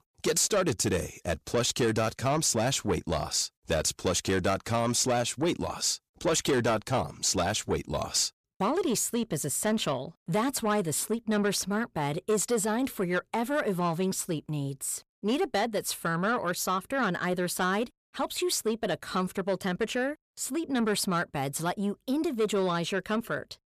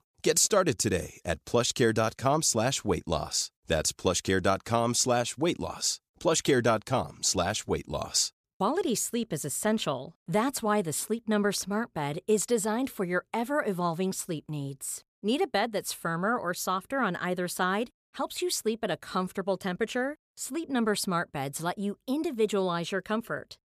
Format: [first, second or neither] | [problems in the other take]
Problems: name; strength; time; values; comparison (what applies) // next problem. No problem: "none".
second | distortion; slight; 10 dB below the speech